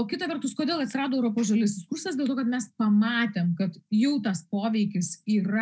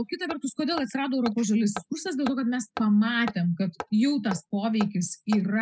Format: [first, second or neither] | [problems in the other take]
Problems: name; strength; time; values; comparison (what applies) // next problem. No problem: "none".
first | noise reduction (classical method spectral subtraction)